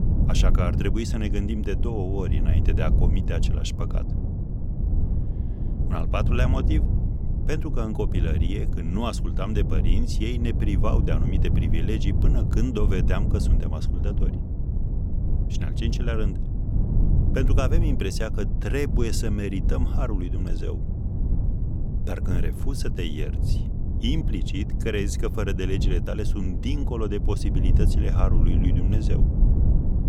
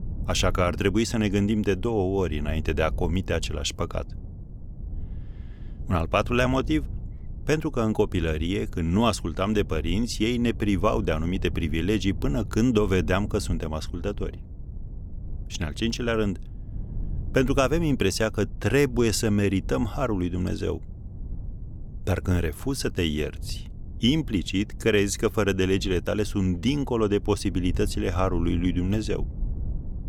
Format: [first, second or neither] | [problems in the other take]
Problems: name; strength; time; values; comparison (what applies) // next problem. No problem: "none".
second | wind noise on the microphone; heavy; 6 dB below the speech; occasional gusts in the second